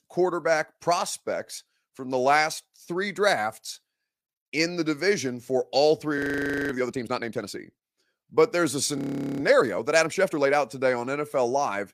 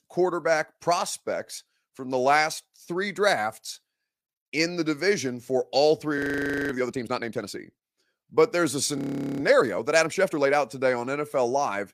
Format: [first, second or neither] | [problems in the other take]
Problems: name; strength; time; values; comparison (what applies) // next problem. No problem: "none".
neither | audio freezing; at 6 s for 0.5 s and at 9 s; the same in both